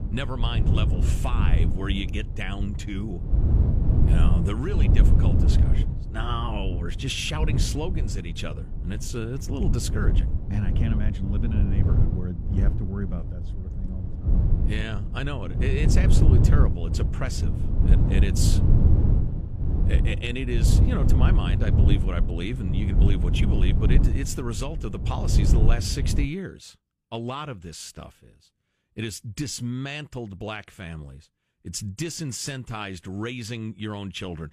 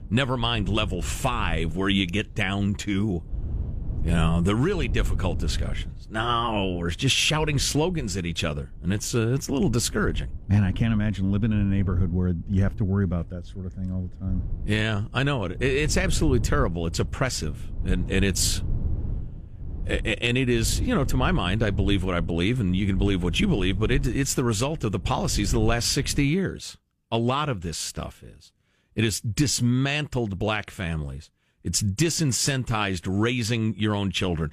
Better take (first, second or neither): second